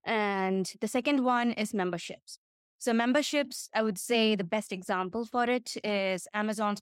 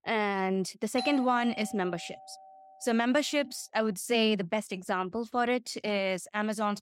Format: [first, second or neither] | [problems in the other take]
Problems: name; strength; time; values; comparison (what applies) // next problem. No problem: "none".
first | doorbell; noticeable; from 1 to 2.5 s; peak 8 dB below the speech